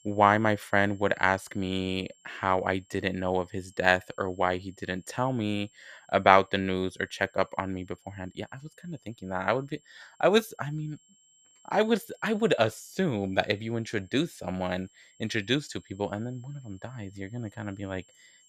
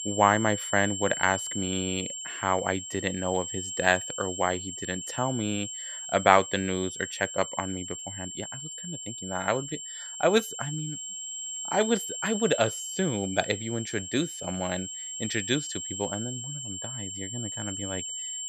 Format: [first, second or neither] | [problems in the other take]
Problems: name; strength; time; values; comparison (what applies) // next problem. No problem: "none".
first | high-pitched whine; loud; throughout; 7.5 kHz, 6 dB below the speech; faint in the first